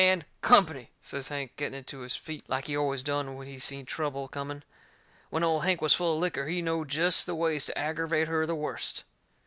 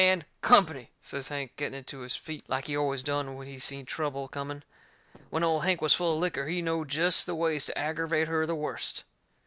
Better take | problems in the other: first | noise reduction (neural separator model SepFormer DNS4)

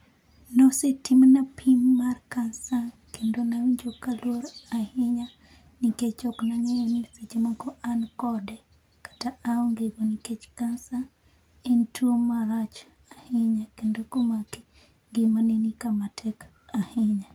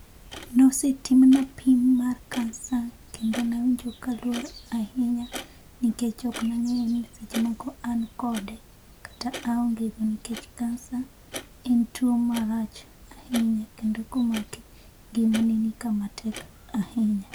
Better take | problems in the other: first | background sound (Clock); 18 dB below the speech

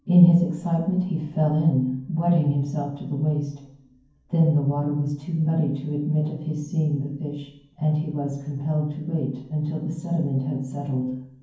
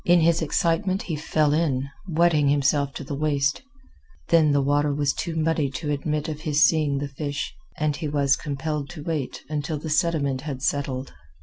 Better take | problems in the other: second | room echo; dies away in 0.9 s

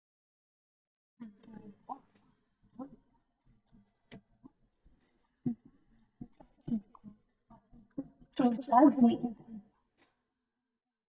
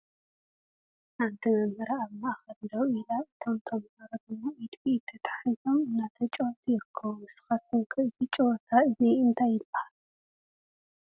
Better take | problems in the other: second | noise reduction (neural mask model DeepFilterNet 3)

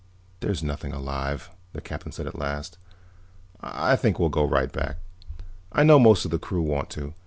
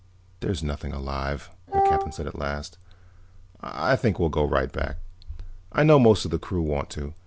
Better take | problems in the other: first | background sound (Wind instrument, woodwind instrument); 1 dB above the speech

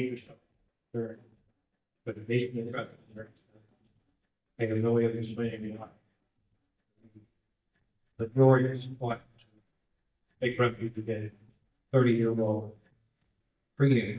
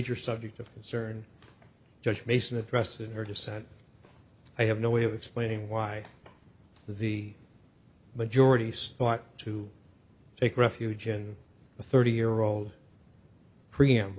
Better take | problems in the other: second | noise reduction (neural mask model DeepFilterNet 3)

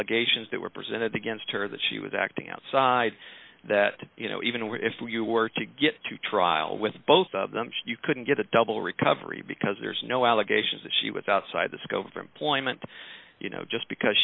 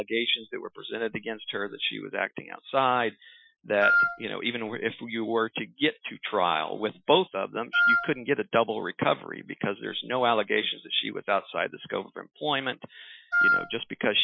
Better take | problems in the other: first | noise reduction (classical method Wiener filter)

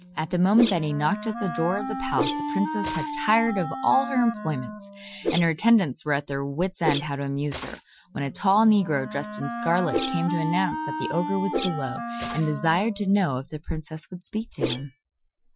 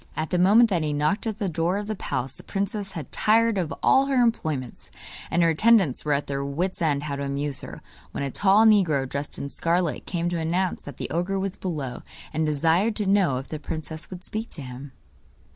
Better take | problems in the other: second | noise reduction (classical method Wiener filter)

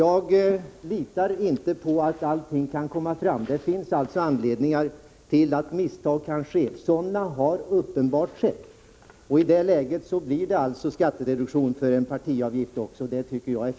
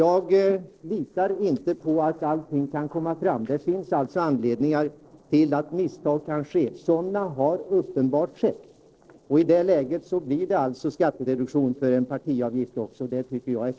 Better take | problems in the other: first | noise reduction (neural separator model SepFormer DNS4)

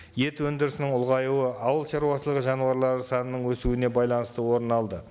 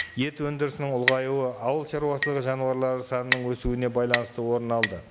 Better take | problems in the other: first | background sound (Chink, clink); 7 dB below the speech

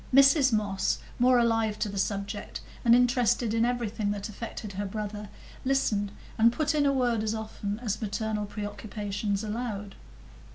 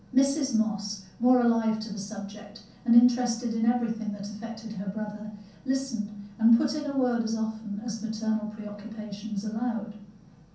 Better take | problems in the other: first | room echo; dies away in 0.6 s

